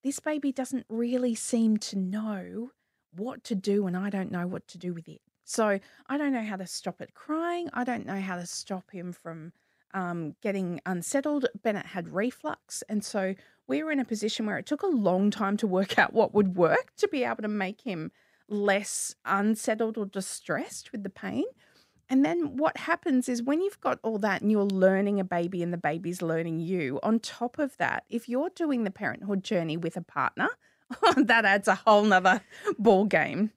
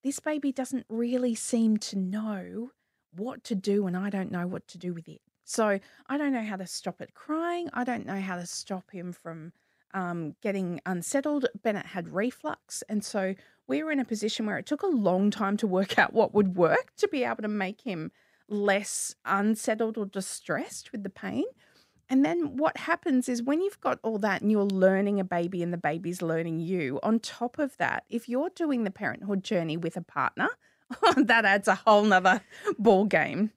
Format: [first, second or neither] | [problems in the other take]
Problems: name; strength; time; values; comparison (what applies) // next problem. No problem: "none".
neither | none